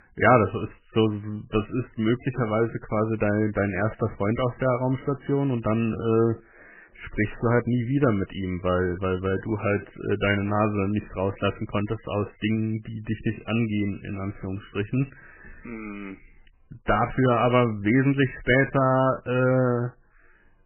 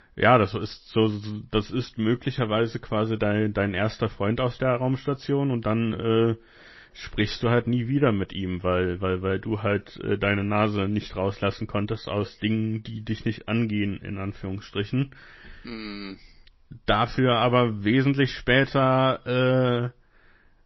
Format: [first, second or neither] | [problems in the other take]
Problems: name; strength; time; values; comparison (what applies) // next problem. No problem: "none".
second | garbled, watery; badly; nothing above 3 kHz; slightly in the second